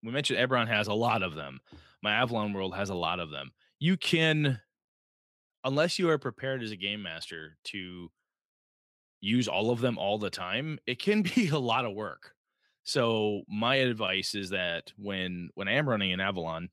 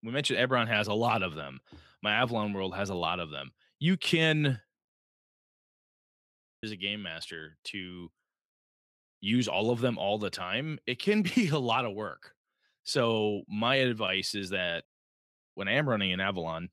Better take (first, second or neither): first